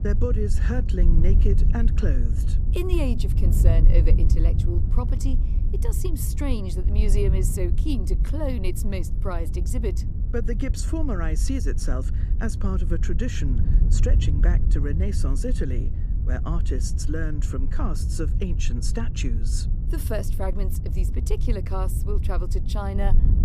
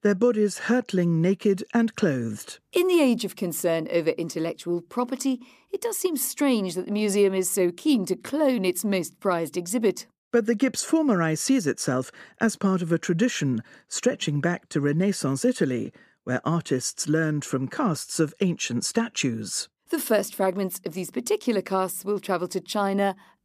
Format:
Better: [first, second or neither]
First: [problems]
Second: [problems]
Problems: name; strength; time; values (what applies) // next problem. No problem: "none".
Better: second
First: wind noise on the microphone; heavy; 7 dB below the speech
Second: none